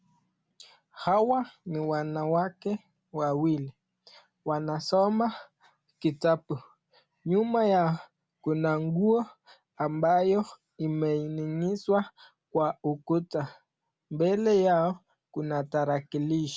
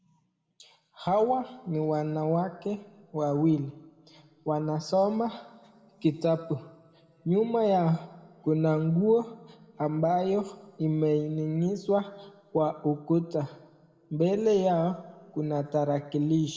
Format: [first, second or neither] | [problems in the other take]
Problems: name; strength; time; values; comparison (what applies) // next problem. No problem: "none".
first | room echo; dies away in 1.2 s